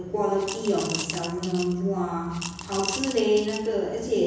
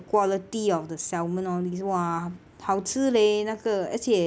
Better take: second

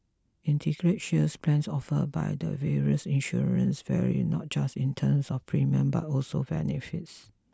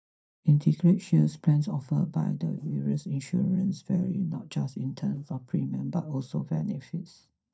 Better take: first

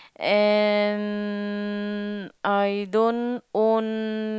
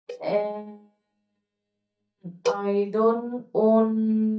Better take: first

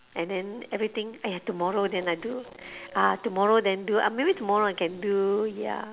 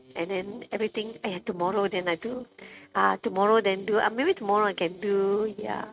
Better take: first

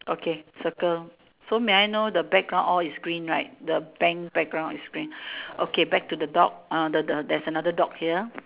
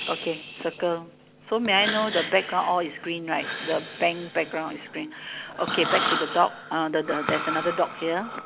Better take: first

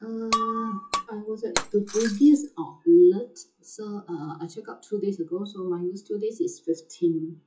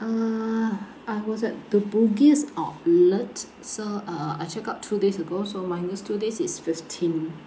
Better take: second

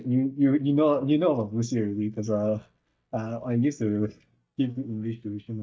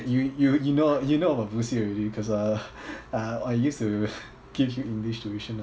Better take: second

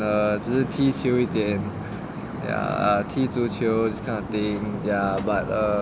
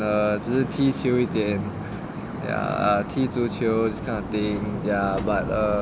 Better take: first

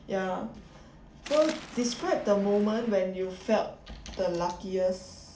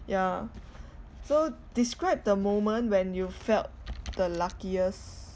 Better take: second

